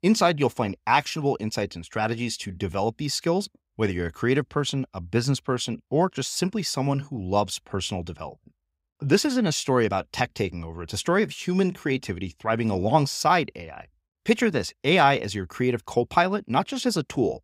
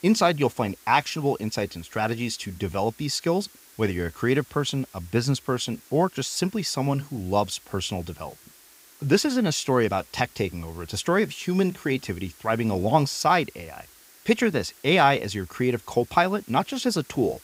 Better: first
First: none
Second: hiss; faint; throughout; 25 dB below the speech

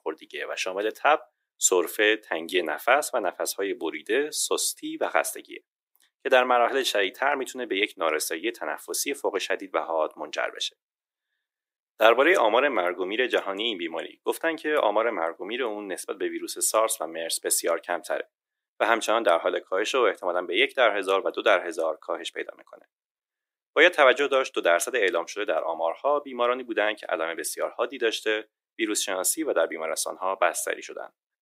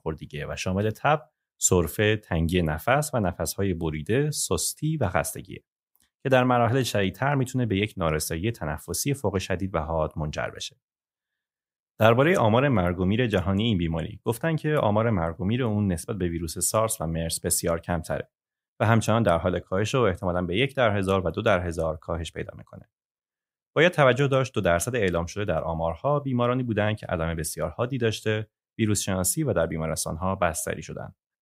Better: second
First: thin; very; fading below 300 Hz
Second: none

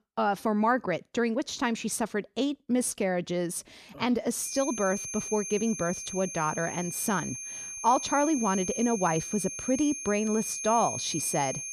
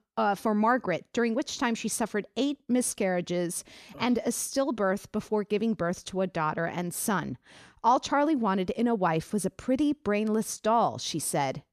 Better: second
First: high-pitched whine; loud; from 4.5 s on; 6.5 kHz, 6 dB below the speech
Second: none

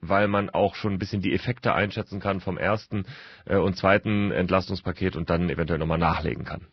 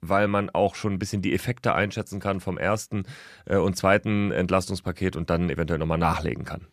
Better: second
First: garbled, watery; badly; nothing above 5.5 kHz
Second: none

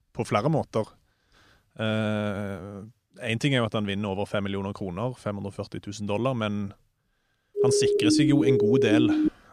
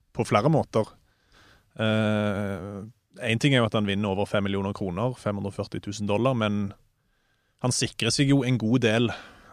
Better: second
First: siren; loud; from 7.5 s on; peak 6 dB above the speech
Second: none

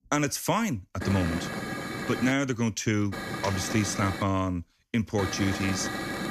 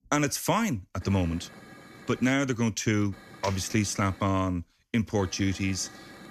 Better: second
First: hiss; loud; from 1 to 2.5 s, from 3 to 4 s and from 5 s on; 5 dB below the speech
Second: hiss; faint; from 1 to 2.5 s, from 3 to 4 s and from 5 s on; 20 dB below the speech

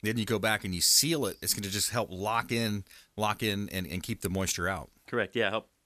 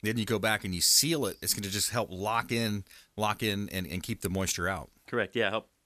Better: neither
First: none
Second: none

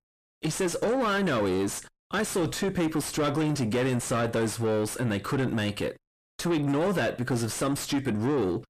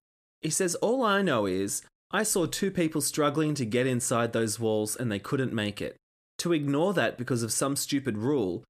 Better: second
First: distortion; heavy; 7 dB below the speech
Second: none

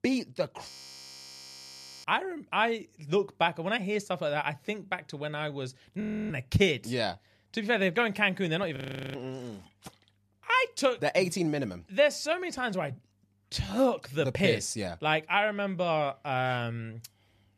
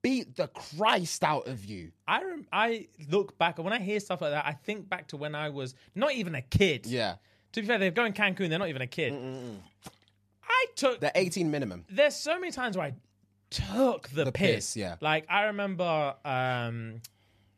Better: second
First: audio freezing; at 0.5 s for 1.5 s, at 6 s and at 9 s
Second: none

